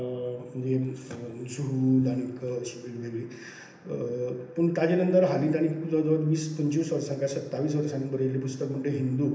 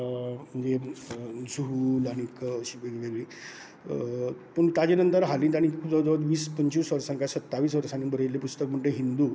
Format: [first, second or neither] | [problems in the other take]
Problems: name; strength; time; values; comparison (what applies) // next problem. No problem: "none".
second | room echo; dies away in 0.8 s